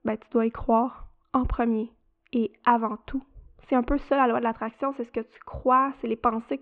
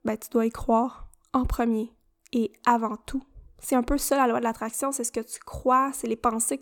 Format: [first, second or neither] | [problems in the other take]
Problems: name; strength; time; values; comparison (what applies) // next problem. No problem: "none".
second | muffled; very; fading above 3 kHz